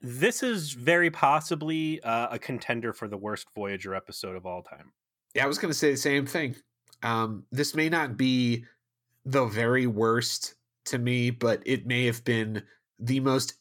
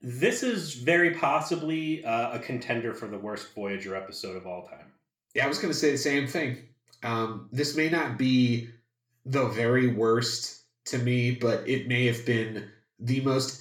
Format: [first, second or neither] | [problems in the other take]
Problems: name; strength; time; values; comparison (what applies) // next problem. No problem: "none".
first | room echo; slight; dies away in 0.4 s // off-mic speech; somewhat distant